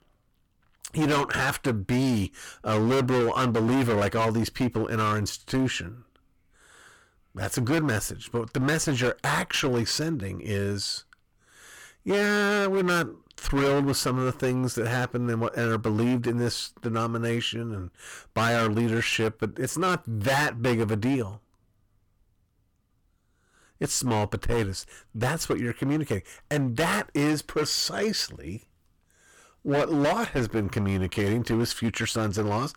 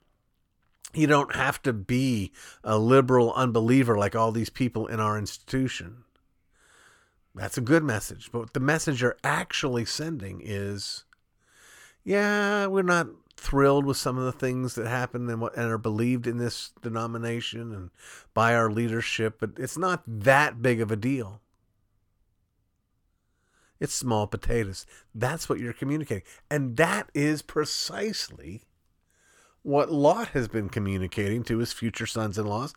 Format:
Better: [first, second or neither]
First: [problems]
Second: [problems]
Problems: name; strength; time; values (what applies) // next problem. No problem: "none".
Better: second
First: distortion; heavy; 13% of the sound clipped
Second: none